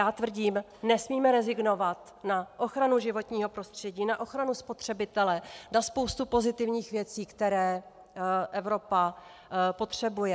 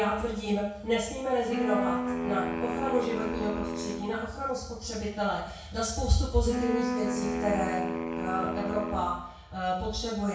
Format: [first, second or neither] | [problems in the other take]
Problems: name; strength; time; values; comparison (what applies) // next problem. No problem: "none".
first | background sound (Wind instrument, woodwind instrument); 3 dB below the speech // room echo; dies away in 0.6 s